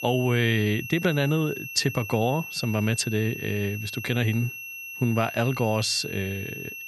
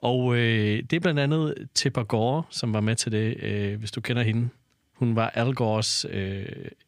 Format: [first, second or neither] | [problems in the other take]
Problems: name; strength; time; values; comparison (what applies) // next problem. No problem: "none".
second | high-pitched whine; loud; throughout; 2.5 kHz, 9 dB below the speech